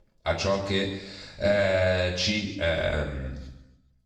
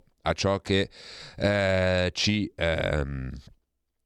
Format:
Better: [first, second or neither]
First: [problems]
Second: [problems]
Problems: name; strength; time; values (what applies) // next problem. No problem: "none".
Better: second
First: room echo; noticeable; dies away in 1 s // off-mic speech; far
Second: none